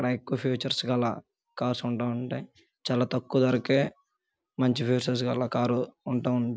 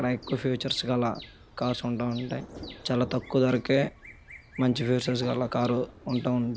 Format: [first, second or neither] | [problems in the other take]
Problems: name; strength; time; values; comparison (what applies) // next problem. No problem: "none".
first | background sound (Thunder + Bird vocalization, bird call, bird song); 18 dB below the speech